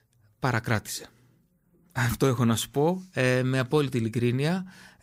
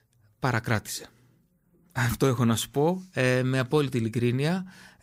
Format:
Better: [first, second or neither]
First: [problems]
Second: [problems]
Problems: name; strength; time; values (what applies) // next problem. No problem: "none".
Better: neither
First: none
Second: none